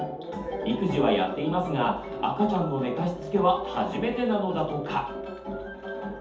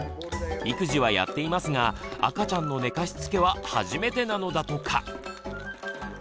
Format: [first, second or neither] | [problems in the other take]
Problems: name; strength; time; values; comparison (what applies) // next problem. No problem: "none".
second | room echo; dies away in 0.6 s